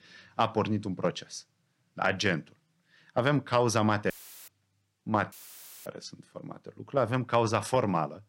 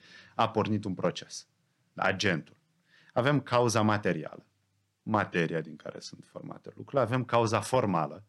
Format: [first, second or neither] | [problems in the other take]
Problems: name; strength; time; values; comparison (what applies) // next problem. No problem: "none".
second | audio cutting out; filled with static; at 4 s and at 5.5 s for 0.5 s